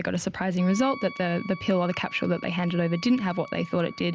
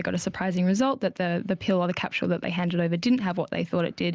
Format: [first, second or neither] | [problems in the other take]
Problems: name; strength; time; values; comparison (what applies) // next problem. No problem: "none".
second | background sound (Wind instrument, woodwind instrument); 17 dB below the speech